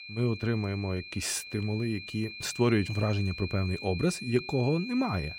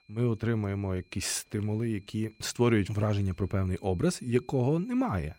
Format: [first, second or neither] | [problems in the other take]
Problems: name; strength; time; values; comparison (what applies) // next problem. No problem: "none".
second | high-pitched whine; loud; throughout; 2.5 kHz, 10 dB below the speech; faint in the second